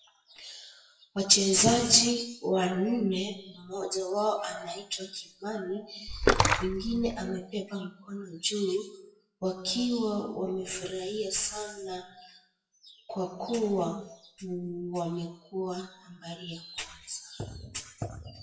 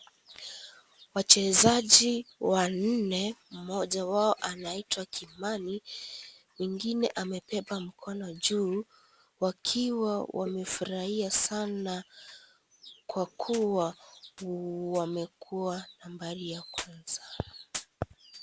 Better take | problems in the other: second | noise reduction (classical method WPE with log-MMSE)

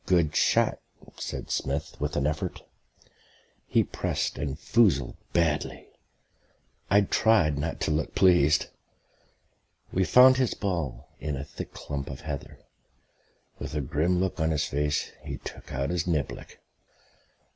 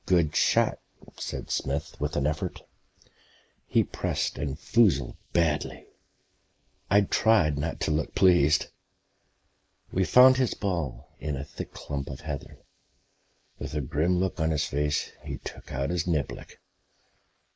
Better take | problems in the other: first | noise reduction (neural mask model Resemble Enhance denoiser)

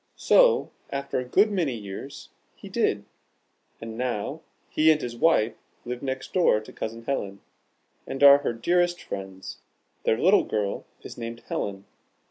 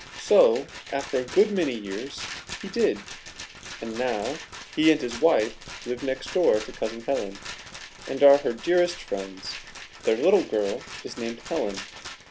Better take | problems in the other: first | background sound (Rattle); 15 dB below the speech

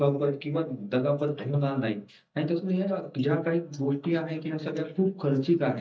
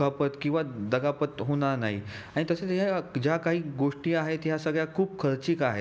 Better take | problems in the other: second | noise reduction (neural mask model DeepFilterNet 3)

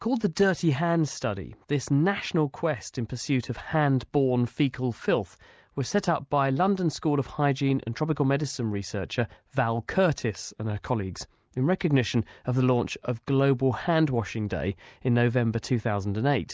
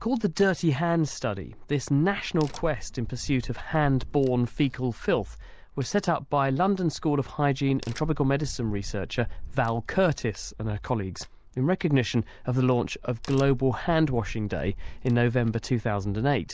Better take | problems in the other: first | background sound (Crack); 13 dB below the speech

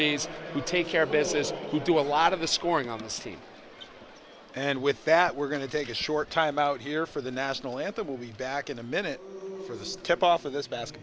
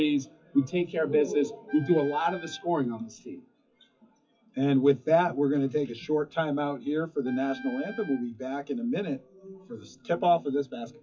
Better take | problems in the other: first | noise reduction (classical method WPE with log-MMSE)

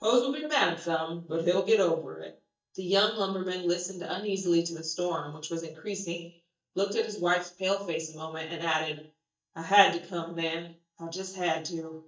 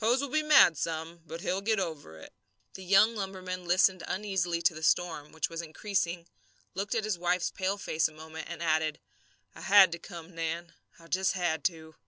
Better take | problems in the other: second | noise reduction (neural mask model DeepFilterNet 3)

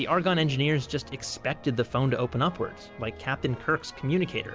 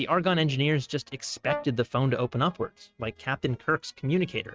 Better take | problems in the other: first | noise reduction (neural mask model RNNoise)

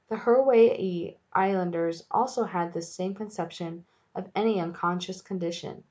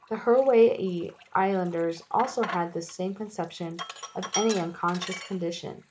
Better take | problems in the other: first | background sound (Sink (filling or washing)); 14 dB below the speech

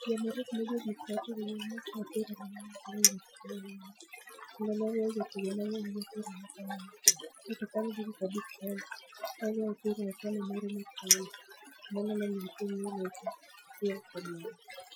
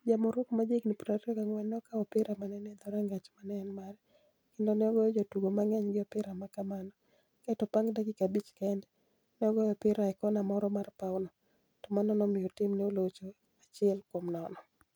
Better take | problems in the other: second | noise reduction (classical method Wiener filter)

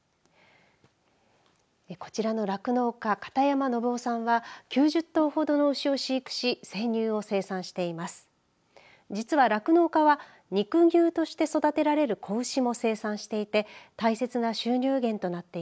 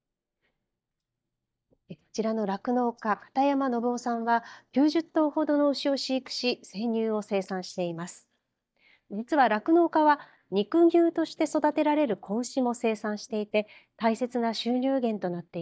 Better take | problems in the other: first | noise reduction (neural mask model DeepFilterNet 3)

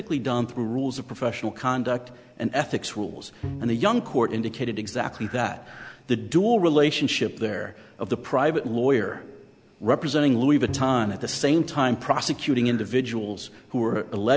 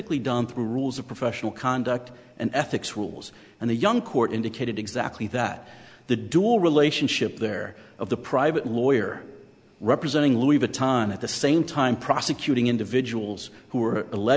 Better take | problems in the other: second | background sound (Bowed string instrument + Breathing); 16 dB below the speech

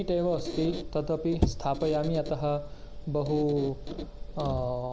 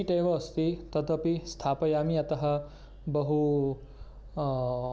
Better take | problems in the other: second | background sound (Squeak); 6 dB below the speech

